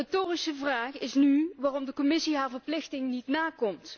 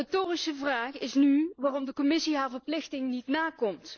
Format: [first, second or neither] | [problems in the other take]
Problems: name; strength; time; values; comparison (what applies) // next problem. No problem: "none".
first | noise reduction (neural mask model Resemble Enhance denoiser)